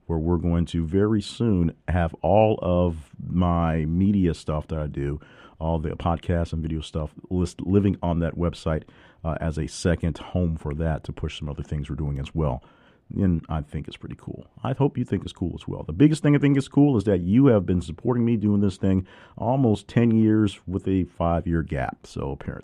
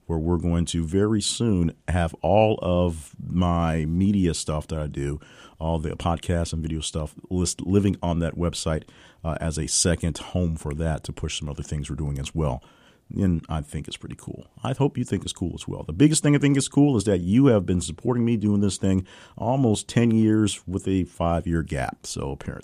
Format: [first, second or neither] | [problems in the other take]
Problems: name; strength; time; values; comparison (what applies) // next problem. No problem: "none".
second | muffled; slightly; fading above 4 kHz